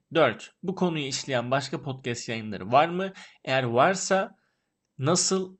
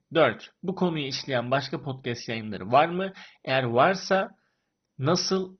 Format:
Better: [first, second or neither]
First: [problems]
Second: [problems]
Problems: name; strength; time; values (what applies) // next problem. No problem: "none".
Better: first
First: garbled, watery; slightly; nothing above 8 kHz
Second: garbled, watery; badly; nothing above 6 kHz